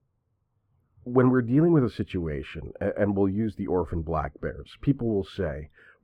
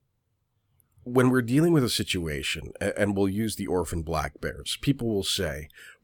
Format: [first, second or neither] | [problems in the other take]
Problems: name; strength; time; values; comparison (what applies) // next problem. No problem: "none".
second | muffled; very; fading above 3 kHz